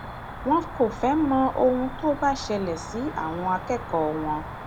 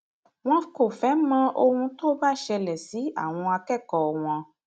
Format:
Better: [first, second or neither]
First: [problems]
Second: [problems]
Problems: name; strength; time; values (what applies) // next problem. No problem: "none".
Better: second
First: background sound (Cricket); 11 dB below the speech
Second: none